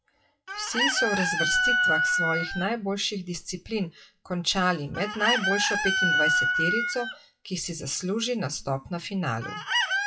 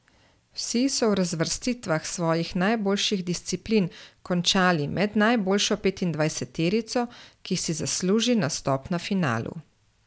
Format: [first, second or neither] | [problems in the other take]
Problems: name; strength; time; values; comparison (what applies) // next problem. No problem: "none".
second | noise reduction (classical method WPE with log-MMSE)